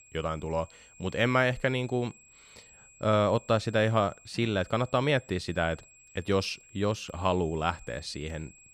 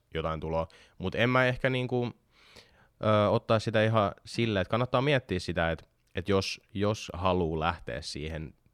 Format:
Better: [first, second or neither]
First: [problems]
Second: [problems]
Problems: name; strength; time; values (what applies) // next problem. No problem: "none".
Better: second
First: high-pitched whine; faint; throughout; 7.5 kHz, 25 dB below the speech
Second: none